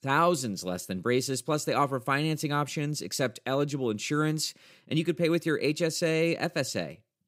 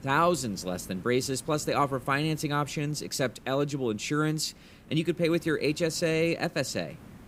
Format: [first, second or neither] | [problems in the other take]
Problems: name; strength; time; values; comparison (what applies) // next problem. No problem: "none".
first | hiss; faint; throughout; 20 dB below the speech